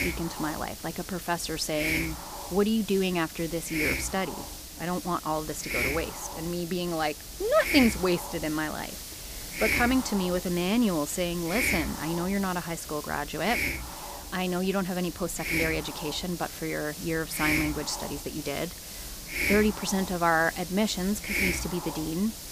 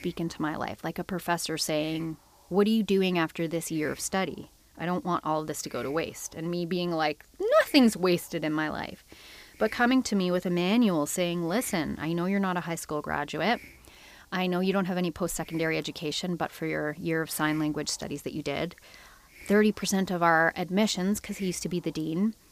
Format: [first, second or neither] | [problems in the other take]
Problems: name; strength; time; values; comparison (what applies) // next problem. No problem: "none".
second | hiss; loud; throughout; 4 dB below the speech; faint in the second